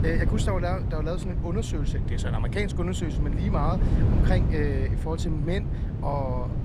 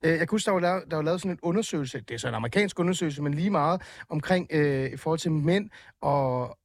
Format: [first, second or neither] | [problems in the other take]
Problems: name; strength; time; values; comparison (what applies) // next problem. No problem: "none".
second | wind noise on the microphone; heavy; 6 dB below the speech